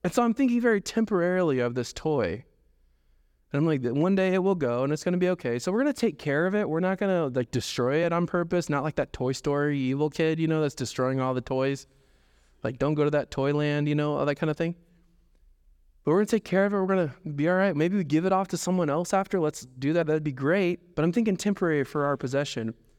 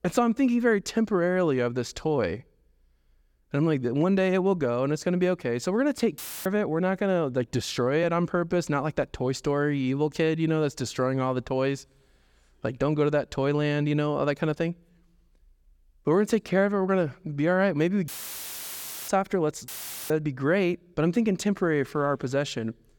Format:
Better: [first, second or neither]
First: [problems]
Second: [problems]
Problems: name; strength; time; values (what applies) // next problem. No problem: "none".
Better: first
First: none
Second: audio cutting out; filled with static; at 6 s, at 18 s for 1 s and at 20 s